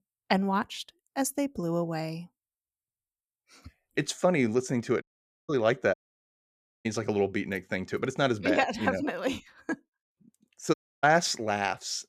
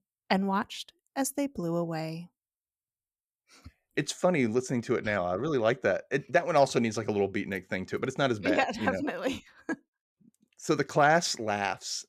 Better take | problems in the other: second | audio cutting out; at 5 s, at 6 s for 1 s and at 11 s

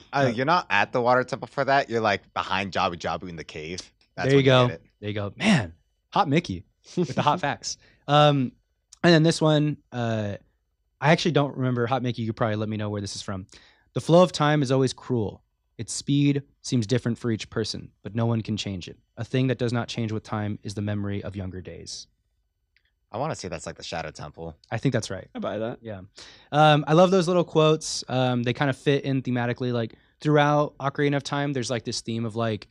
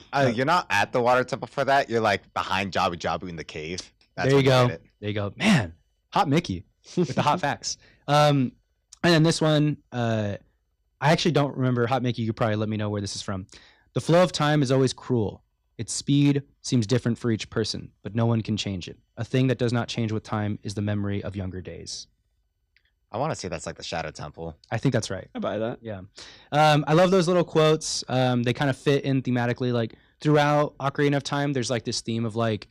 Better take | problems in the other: first | distortion; slight; 2% of the sound clipped

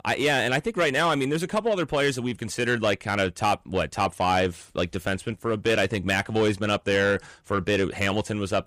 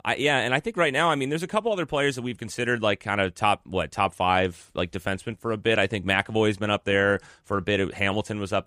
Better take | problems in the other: second | distortion; slight; 10 dB below the speech

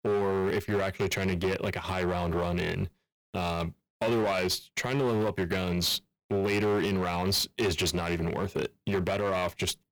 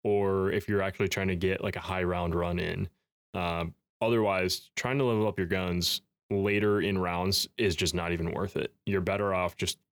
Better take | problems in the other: second | distortion; slight; 14% of the sound clipped

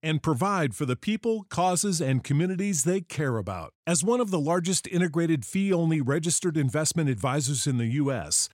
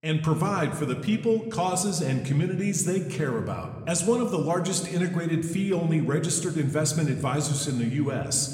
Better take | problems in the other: first | room echo; slight; dies away in 1.2 s

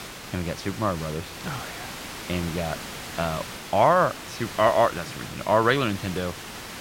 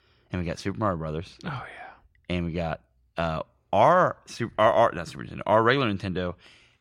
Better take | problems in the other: second | hiss; noticeable; throughout; 10 dB below the speech

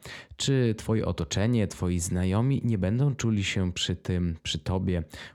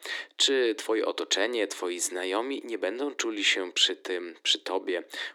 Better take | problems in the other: first | thin; very; fading below 300 Hz

